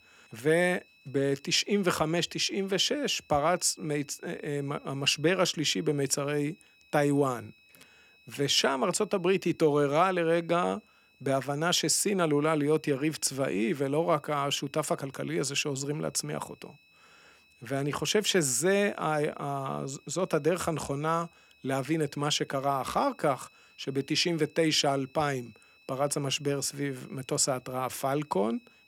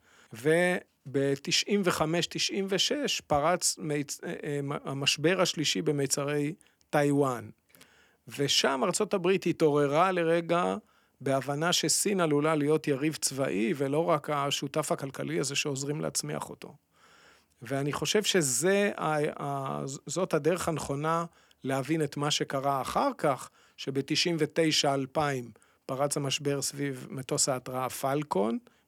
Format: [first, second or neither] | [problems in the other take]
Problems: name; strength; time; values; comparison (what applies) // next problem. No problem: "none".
second | high-pitched whine; faint; throughout; 2.5 kHz, 30 dB below the speech